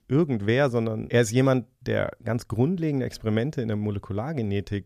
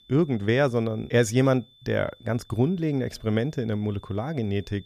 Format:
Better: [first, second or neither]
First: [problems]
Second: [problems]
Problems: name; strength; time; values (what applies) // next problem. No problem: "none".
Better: first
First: none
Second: high-pitched whine; faint; throughout; 3.5 kHz, 30 dB below the speech